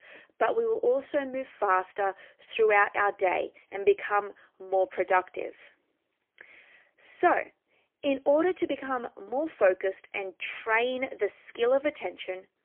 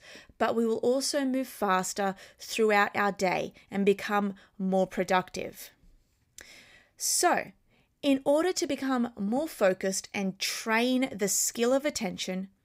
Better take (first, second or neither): second